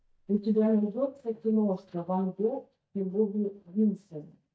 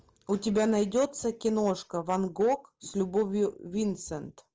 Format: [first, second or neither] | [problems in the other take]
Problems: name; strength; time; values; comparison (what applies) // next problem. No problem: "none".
second | noise reduction (neural mask model DeepFilterNet 3)